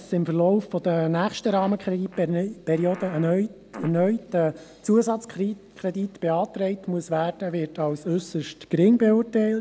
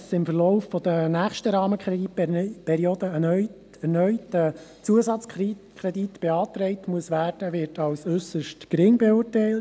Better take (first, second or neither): second